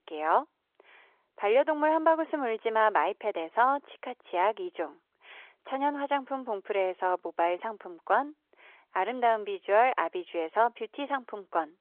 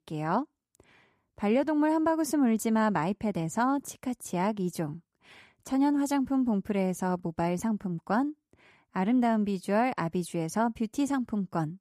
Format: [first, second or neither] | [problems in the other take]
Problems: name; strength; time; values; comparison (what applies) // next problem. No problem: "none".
second | phone-call audio